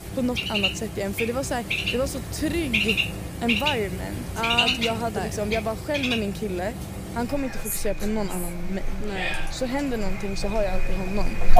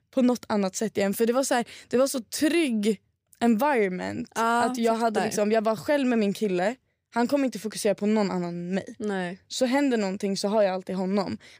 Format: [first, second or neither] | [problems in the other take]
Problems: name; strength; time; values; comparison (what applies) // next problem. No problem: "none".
second | animal sounds; very loud; throughout; 1 dB above the speech